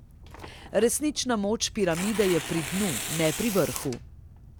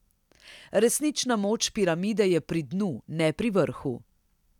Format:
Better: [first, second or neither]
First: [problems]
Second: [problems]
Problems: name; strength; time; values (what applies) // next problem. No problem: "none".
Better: second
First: background sound (Tearing); 9 dB below the speech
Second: none